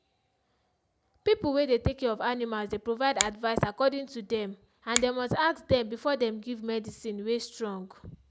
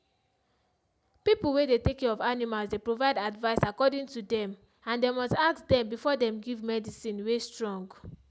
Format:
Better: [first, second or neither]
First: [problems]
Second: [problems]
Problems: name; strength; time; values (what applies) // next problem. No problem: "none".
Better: second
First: background sound (Finger snapping); 7 dB below the speech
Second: none